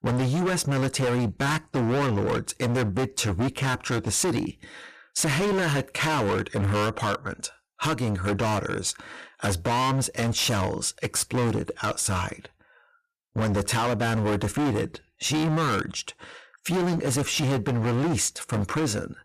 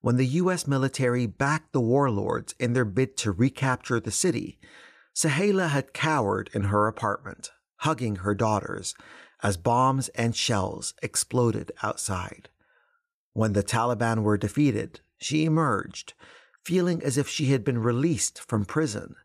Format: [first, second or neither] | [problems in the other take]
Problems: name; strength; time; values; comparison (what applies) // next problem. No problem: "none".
second | distortion; heavy; 27% of the sound clipped